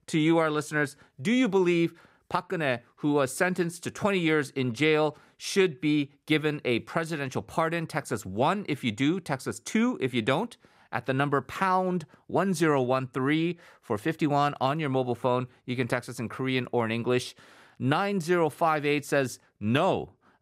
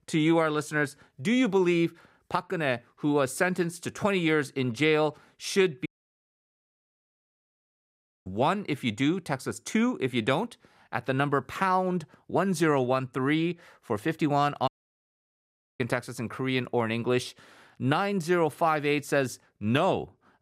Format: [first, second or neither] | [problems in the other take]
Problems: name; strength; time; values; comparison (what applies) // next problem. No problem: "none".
first | audio cutting out; at 6 s for 2.5 s and at 15 s for 1 s